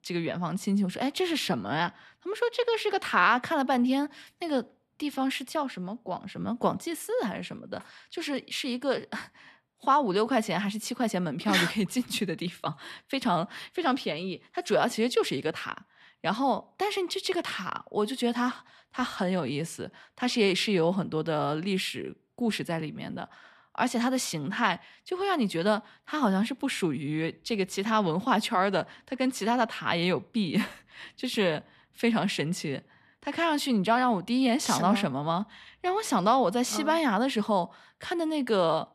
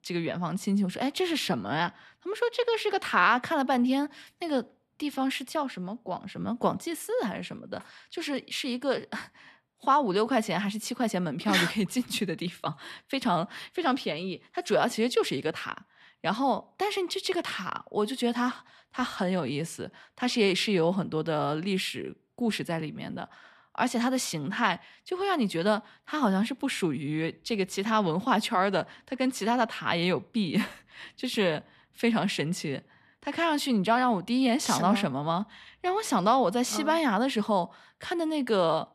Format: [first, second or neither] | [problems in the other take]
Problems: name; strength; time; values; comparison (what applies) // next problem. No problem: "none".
neither | none